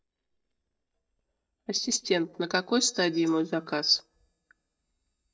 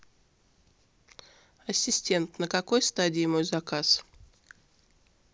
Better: second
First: noise reduction (neural mask model DeepFilterNet 3)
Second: none

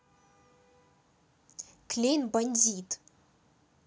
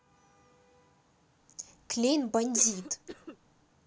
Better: first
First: none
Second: background sound (Cough); 17 dB below the speech

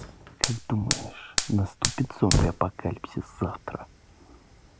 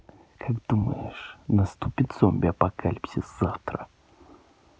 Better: second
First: background sound (Fire); 1 dB below the speech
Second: none

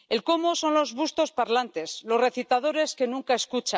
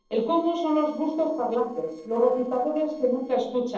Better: first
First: none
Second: noise reduction (neural separator model SepFormer DNS4)

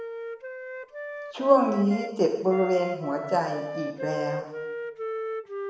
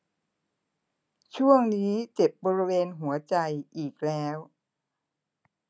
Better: second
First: background sound (Wind instrument, woodwind instrument); 8 dB below the speech // room echo; dies away in 0.9 s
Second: none

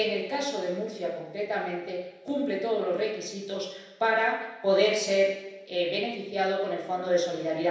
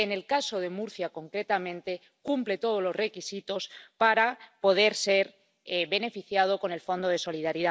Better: second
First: room echo; dies away in 0.9 s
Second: none

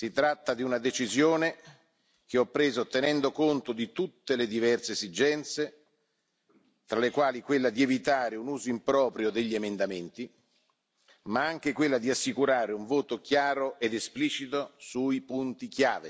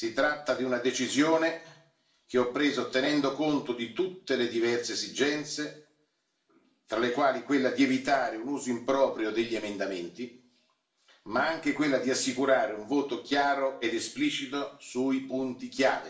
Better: first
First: none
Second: room echo; dies away in 0.4 s

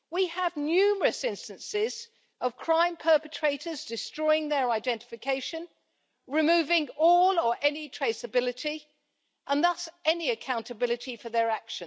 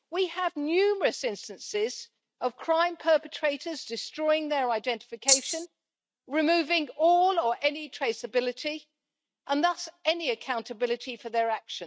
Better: first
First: none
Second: noise reduction (neural mask model RNNoise)

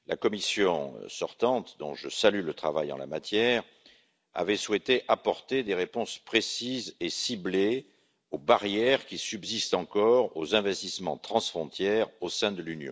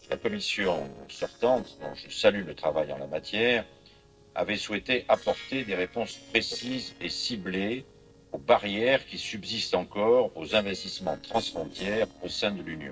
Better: first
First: none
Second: noise reduction (neural separator model SepFormer DNS4)

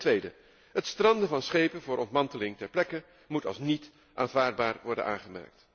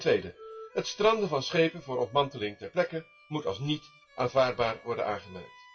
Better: first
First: none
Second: noise reduction (classical method WPE with log-MMSE)

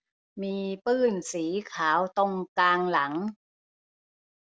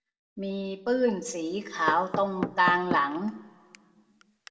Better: first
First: none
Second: background sound (Knock / Wood); 9 dB below the speech // room echo; dies away in 0.9 s

